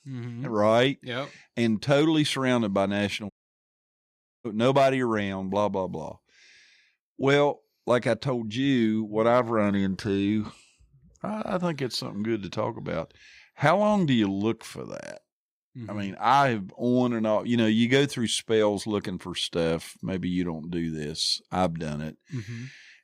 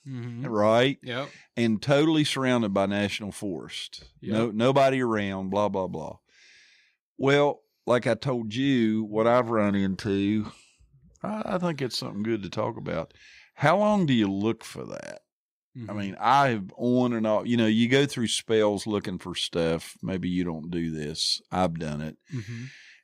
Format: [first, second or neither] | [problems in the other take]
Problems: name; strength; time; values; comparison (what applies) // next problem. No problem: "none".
second | audio cutting out; at 3.5 s for 1 s